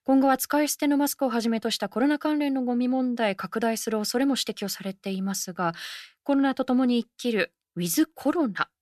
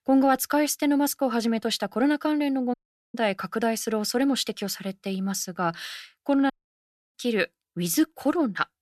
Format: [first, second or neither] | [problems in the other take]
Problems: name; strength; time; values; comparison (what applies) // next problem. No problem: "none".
first | audio cutting out; at 2.5 s and at 6.5 s for 0.5 s